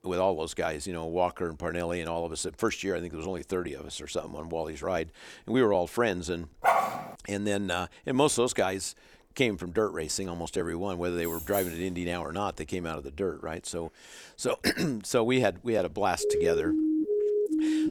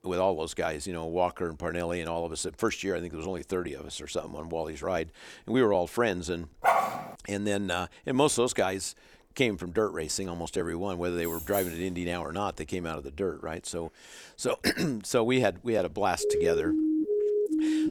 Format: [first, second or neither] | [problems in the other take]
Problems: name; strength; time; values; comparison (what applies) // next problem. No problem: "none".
neither | dog barking; loud; at 6.5 s; peak 5 dB above the speech; the same in both // jangling keys; noticeable; at 11 s; peak 5 dB below the speech; the same in both // siren; loud; from 16 s on; peak 3 dB above the speech; the same in both